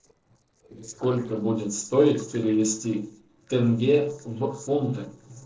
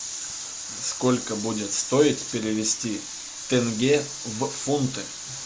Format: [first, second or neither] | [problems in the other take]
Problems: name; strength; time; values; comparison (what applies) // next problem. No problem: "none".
second | noise reduction (neural separator model SepFormer DNS4)